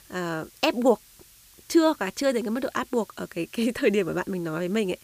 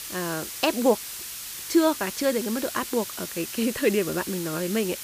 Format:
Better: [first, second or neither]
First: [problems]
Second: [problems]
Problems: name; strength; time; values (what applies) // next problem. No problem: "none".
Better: first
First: hiss; faint; throughout; 25 dB below the speech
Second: hiss; loud; throughout; 7 dB below the speech